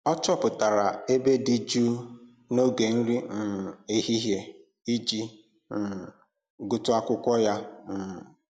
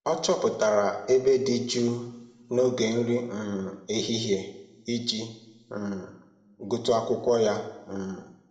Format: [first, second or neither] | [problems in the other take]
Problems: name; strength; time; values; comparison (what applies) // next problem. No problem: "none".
first | room echo; dies away in 0.7 s